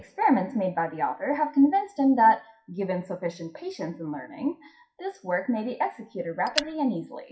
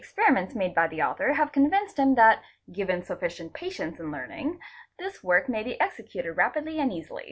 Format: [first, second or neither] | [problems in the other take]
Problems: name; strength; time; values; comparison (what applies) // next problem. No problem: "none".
second | noise reduction (classical method WPE with log-MMSE)